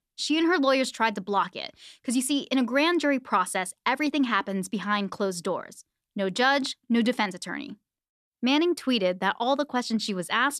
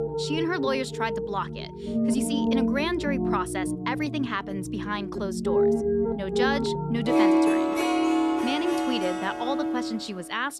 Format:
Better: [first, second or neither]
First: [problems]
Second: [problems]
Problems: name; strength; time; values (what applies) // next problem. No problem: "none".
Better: first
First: none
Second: background music; very loud; throughout; 3 dB above the speech